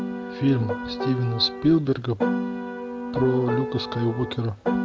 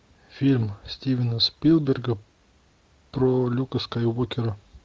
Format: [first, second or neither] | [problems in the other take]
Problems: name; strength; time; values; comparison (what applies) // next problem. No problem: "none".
second | background sound (Piano); 4 dB below the speech